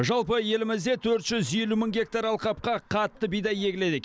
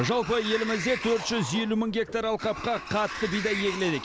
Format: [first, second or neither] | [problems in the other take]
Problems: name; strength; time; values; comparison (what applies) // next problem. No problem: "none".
first | background sound (Sliding door); 9 dB below the speech